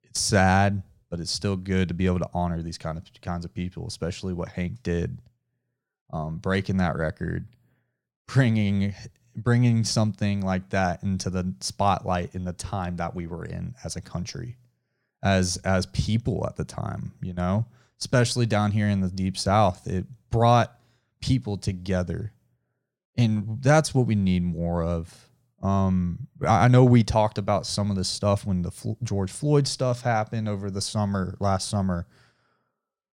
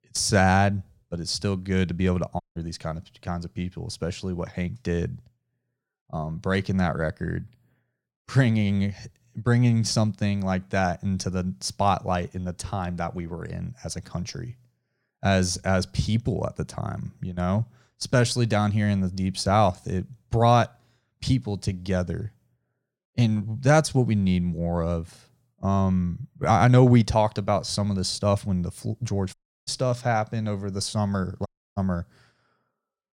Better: first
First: none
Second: audio cutting out; at 2.5 s, at 29 s and at 31 s

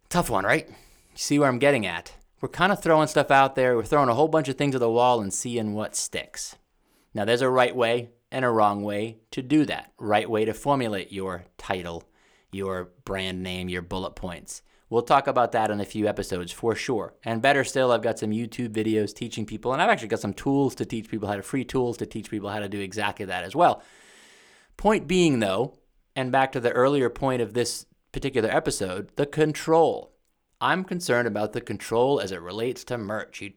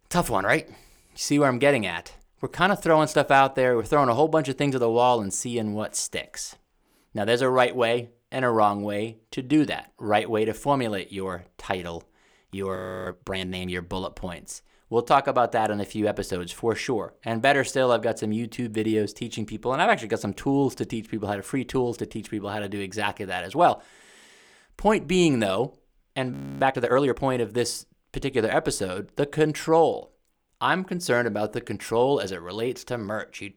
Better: first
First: none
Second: audio freezing; at 13 s and at 26 s

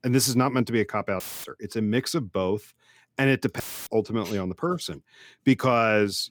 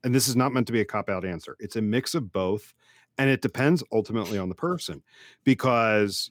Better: second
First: audio cutting out; filled with static; at 1 s and at 3.5 s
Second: none

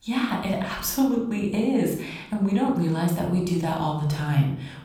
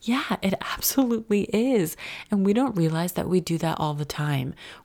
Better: second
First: off-mic speech; somewhat distant // room echo; noticeable; dies away in 0.6 s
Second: none

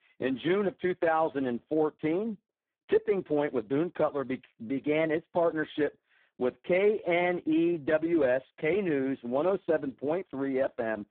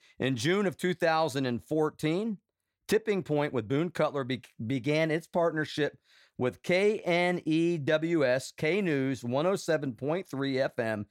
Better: second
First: phone-call audio; poor line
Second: none

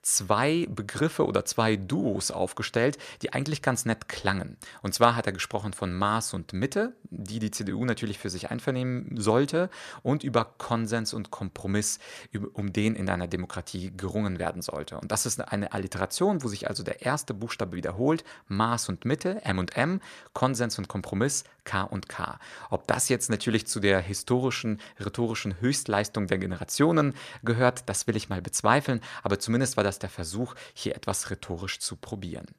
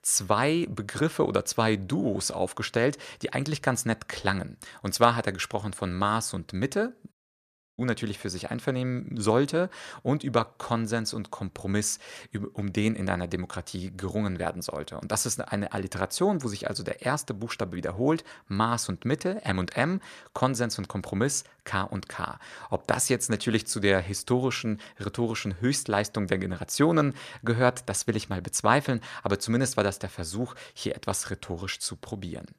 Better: first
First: none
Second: audio cutting out; at 7 s for 0.5 s

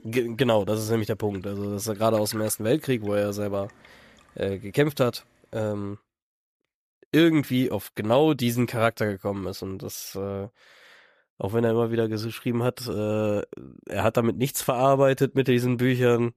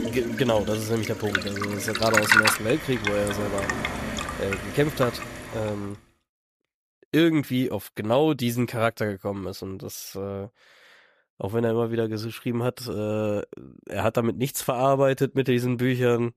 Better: first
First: household noises; faint; until 5.5 s; 25 dB below the speech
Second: household noises; loud; until 5.5 s; 1 dB below the speech

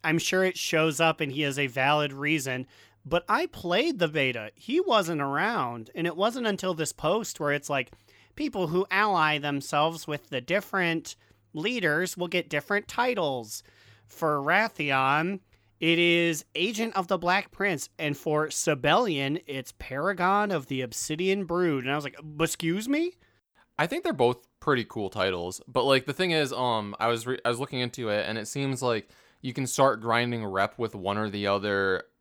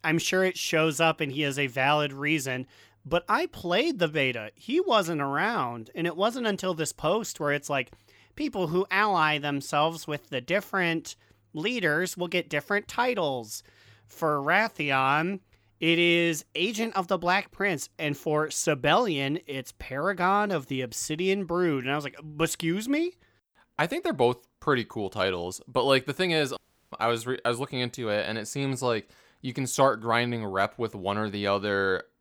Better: first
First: none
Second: audio cutting out; at 27 s

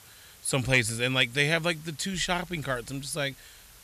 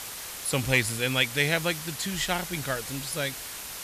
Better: first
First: hiss; faint; throughout; 25 dB below the speech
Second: hiss; loud; throughout; 8 dB below the speech

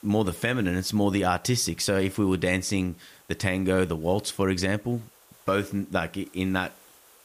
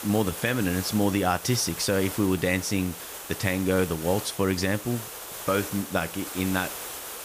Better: first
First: hiss; faint; throughout; 25 dB below the speech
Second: hiss; loud; throughout; 9 dB below the speech

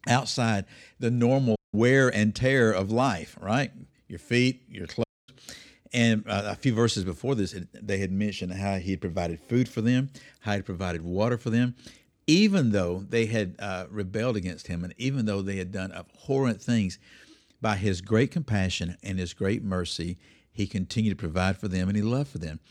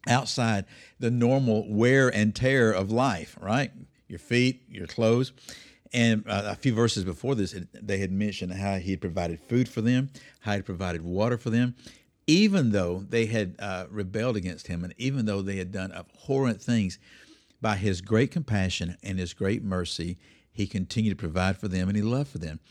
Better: second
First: audio cutting out; at 1.5 s and at 5 s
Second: none

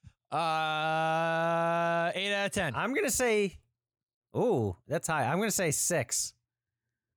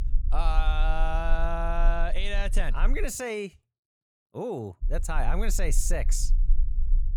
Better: first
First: none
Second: low rumble; faint; until 3 s and from 5 s on; 20 dB below the speech

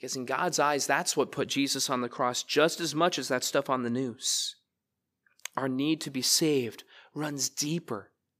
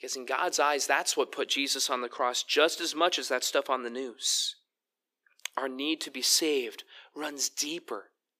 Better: first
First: none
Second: thin; somewhat; fading below 350 Hz

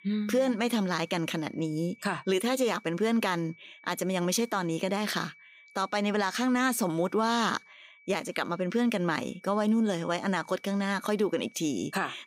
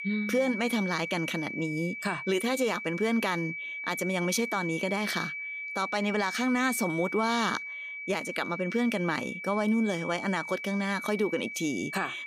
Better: first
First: high-pitched whine; faint; throughout; 2.5 kHz, 25 dB below the speech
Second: high-pitched whine; loud; throughout; 2.5 kHz, 6 dB below the speech

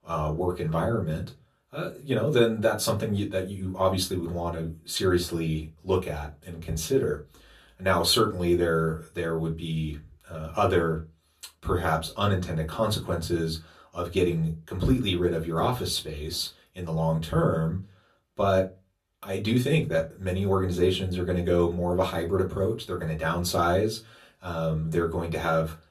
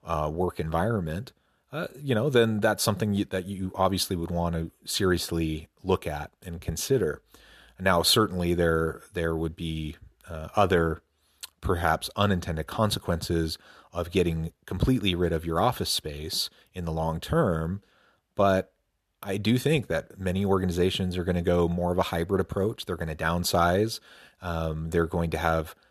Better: second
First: off-mic speech; far // room echo; very slight; dies away in 0.2 s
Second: none

